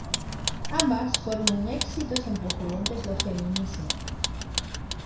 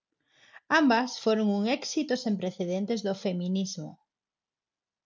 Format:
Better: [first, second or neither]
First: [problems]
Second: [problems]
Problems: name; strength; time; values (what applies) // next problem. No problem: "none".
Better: second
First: background sound (Vehicle); as loud as the speech // room echo; dies away in 0.6 s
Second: none